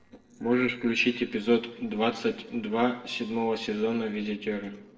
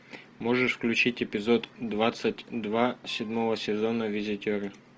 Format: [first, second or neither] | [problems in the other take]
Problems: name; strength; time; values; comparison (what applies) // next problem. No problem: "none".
second | noise reduction (neural separator model SepFormer DNS4)